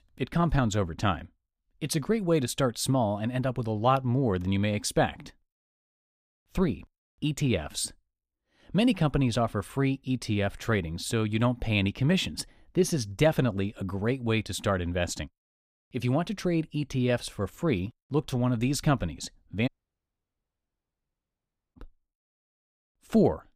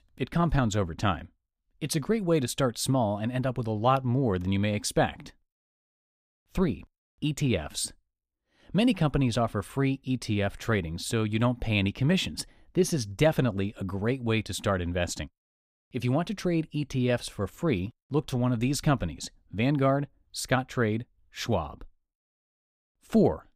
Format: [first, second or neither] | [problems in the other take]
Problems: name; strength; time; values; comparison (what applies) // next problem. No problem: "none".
second | audio cutting out; at 20 s for 2 s